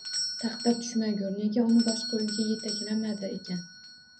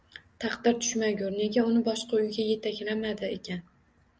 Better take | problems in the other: second | background sound (Doorbell); 8 dB below the speech // room echo; dies away in 0.2 s

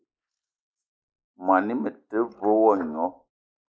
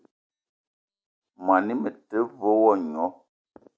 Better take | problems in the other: second | noise reduction (neural mask model Resemble Enhance denoiser)

